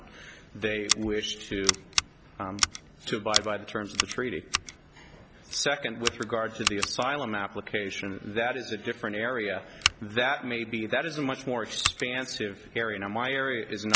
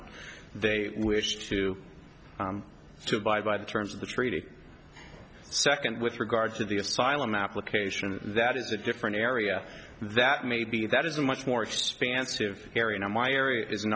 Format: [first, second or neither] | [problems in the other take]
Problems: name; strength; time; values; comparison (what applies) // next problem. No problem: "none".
second | background sound (Scissors); 3 dB below the speech